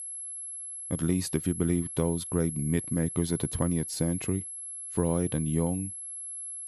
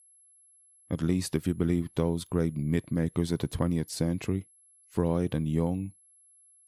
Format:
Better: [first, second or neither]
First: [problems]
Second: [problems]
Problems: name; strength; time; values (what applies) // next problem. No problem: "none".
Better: second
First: high-pitched whine; loud; throughout; 11 kHz, 6 dB below the speech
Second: high-pitched whine; faint; throughout; 11 kHz, 30 dB below the speech